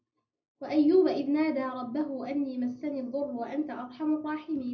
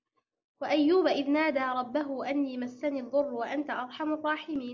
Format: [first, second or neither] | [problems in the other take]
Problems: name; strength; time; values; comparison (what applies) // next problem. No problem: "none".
second | room echo; dies away in 0.4 s